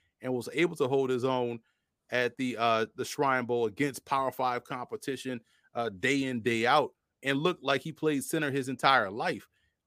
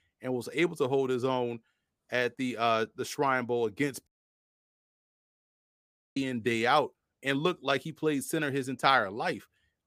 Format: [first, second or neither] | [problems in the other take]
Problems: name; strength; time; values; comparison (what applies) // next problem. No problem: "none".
first | audio cutting out; at 4 s for 2 s